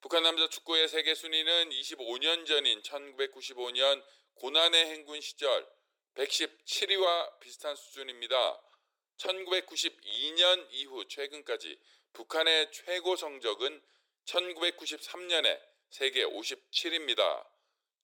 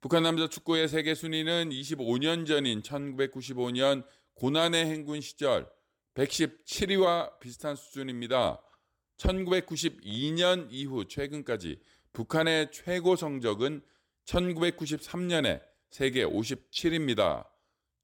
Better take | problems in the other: second | thin; very; fading below 400 Hz

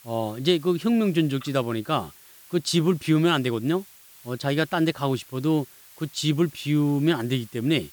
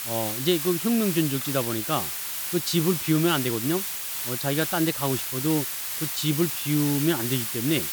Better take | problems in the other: first | hiss; loud; throughout; 2 dB below the speech; faint in the first

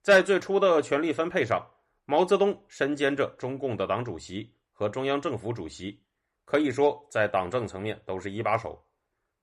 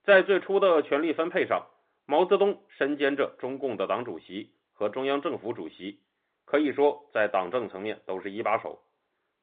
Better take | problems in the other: first | phone-call audio; nothing above 3.5 kHz

